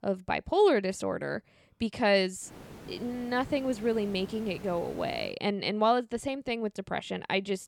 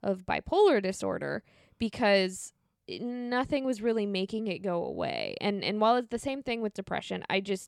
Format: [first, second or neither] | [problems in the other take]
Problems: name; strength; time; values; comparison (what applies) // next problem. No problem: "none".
second | hiss; noticeable; from 2.5 to 5.5 s; 15 dB below the speech